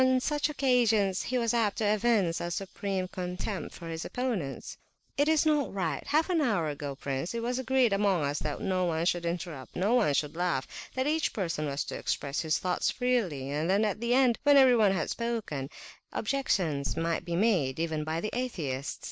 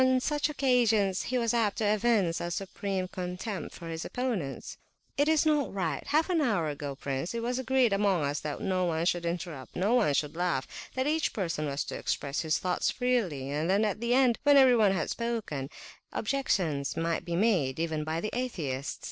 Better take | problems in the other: second | background sound (Bass drum); 8 dB below the speech

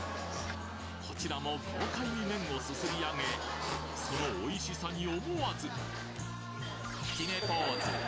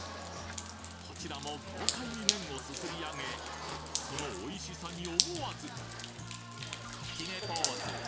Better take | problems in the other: first | background sound (Drip); as loud as the speech

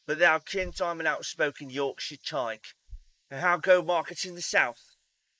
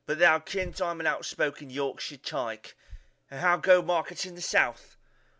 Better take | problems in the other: second | noise reduction (neural mask model Resemble Enhance denoiser)

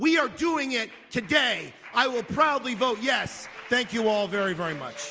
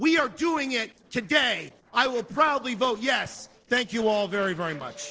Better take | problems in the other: first | noise reduction (neural separator model SepFormer DNS4)

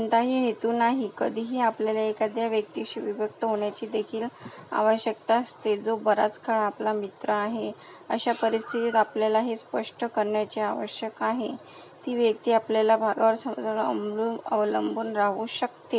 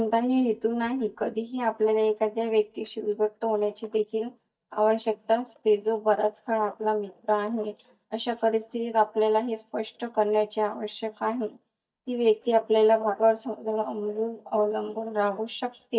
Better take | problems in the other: first | noise reduction (neural mask model DeepFilterNet 3)

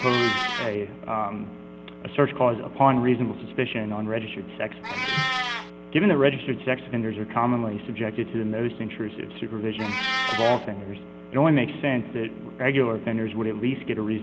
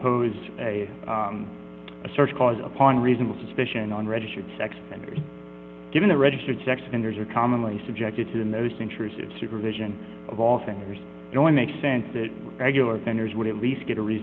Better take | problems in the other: second | background sound (Meow); 9 dB below the speech

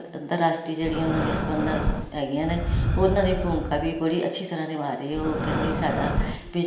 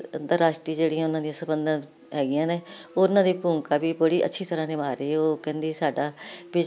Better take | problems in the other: second | background sound (Breathing); 2 dB below the speech // room echo; dies away in 1.1 s

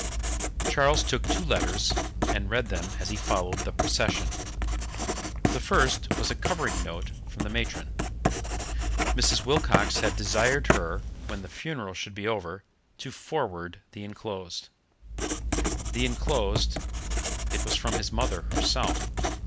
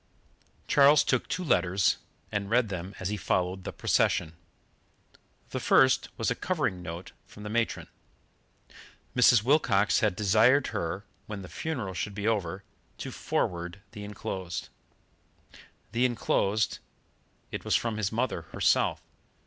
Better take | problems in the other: second | background sound (Writing); 1 dB above the speech

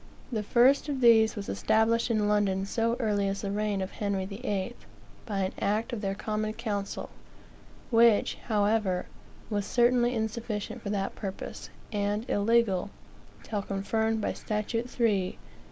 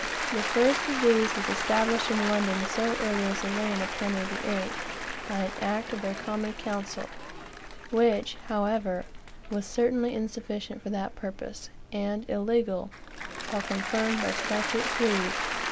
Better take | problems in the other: first | background sound (Applause / Cheering); 5 dB below the speech

